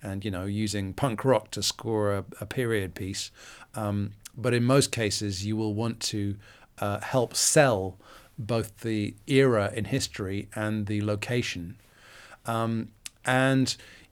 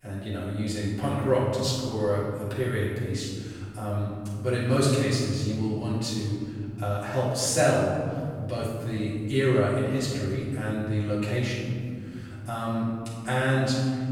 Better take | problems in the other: first | off-mic speech; far // room echo; strong; dies away in 2.6 s

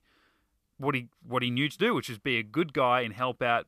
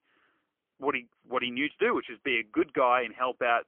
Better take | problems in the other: first | phone-call audio; poor line; nothing above 3 kHz

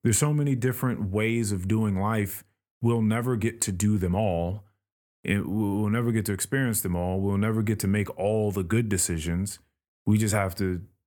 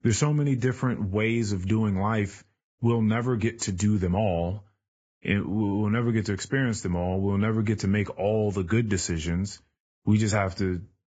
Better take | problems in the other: first | garbled, watery; badly; nothing above 7.5 kHz

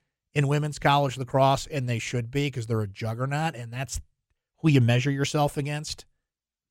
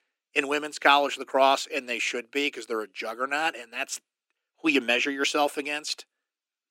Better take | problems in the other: first | thin; somewhat; fading below 300 Hz

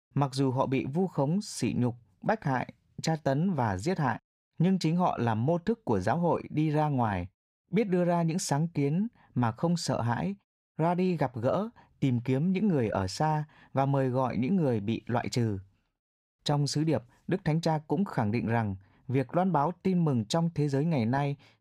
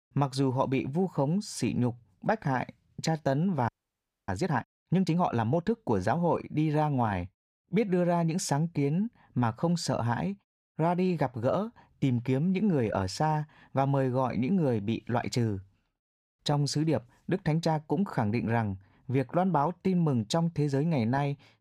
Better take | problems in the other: first | audio freezing; at 3.5 s for 0.5 s

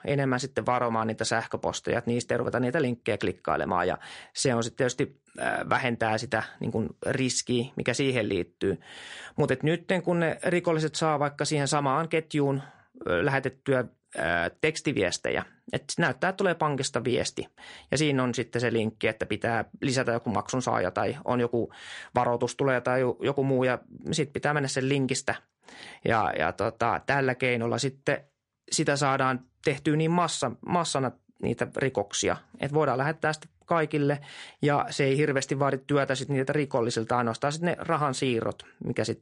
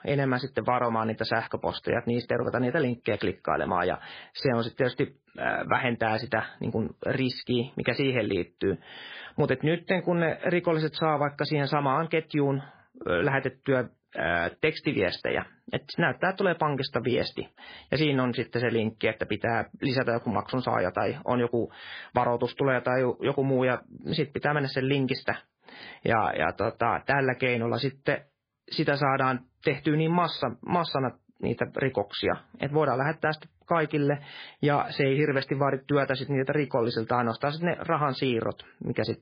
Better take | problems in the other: first | garbled, watery; badly; nothing above 4.5 kHz; slightly in the first

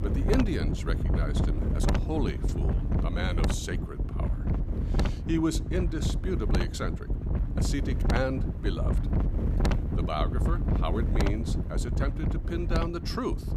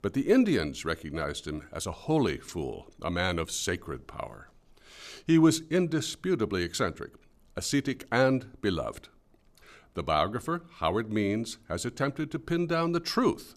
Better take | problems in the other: second | wind noise on the microphone; heavy; 3 dB below the speech

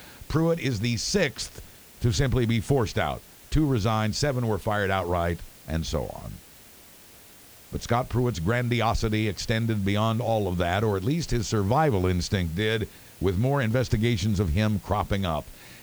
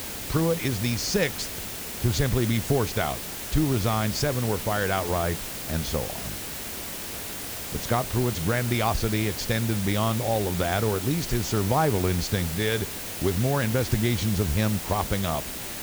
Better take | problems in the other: first | hiss; loud; throughout; 6 dB below the speech; faint in the first

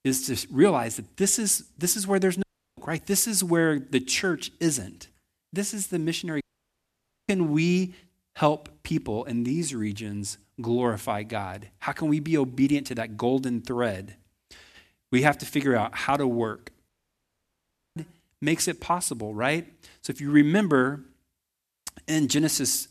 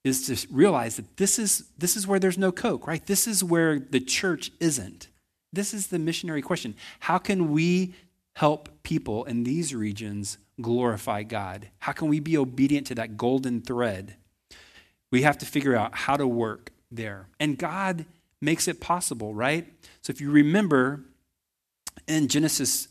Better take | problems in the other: second | audio cutting out; at 2.5 s, at 6.5 s for 1 s and at 17 s for 1 s

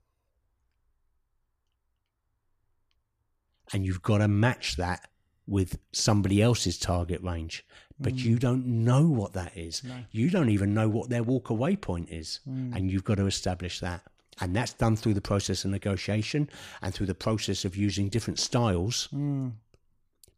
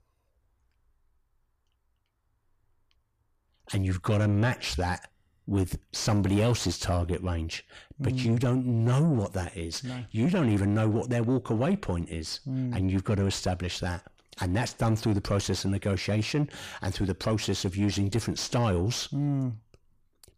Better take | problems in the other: first | distortion; slight; 10 dB below the speech

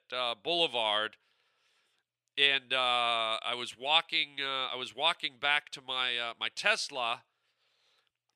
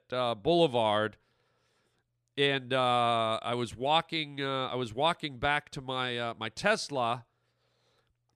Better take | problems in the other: second | thin; somewhat; fading below 1 kHz

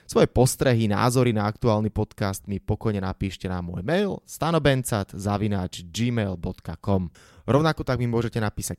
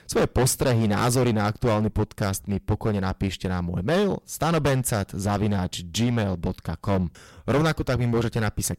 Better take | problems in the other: first | distortion; heavy; 12% of the sound clipped

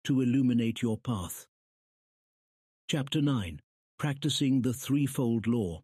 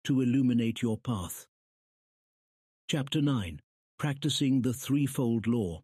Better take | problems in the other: neither | none

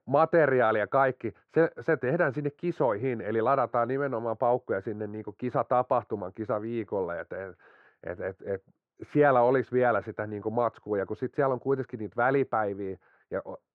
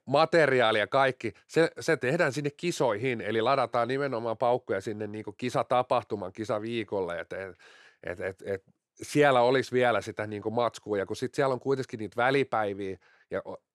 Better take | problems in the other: second | muffled; very; fading above 3.5 kHz

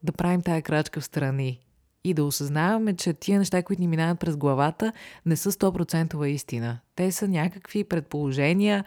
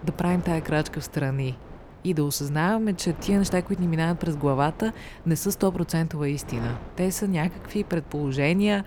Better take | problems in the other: first | wind noise on the microphone; occasional gusts; 15 dB below the speech

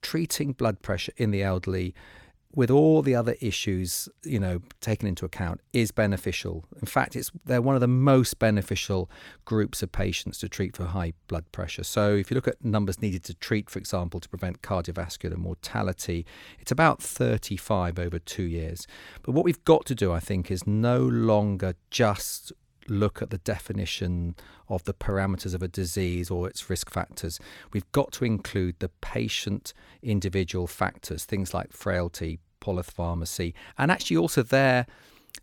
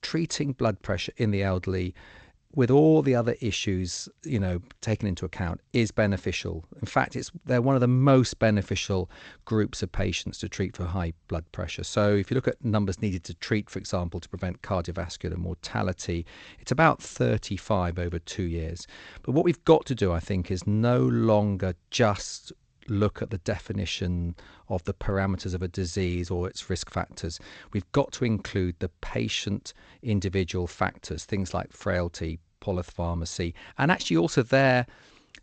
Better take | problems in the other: first | garbled, watery; slightly; nothing above 8 kHz

